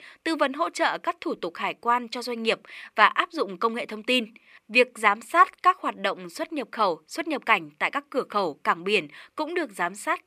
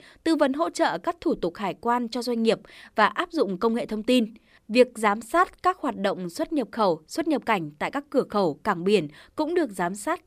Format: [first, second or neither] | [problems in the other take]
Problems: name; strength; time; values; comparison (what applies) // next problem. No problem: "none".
second | thin; somewhat; fading below 400 Hz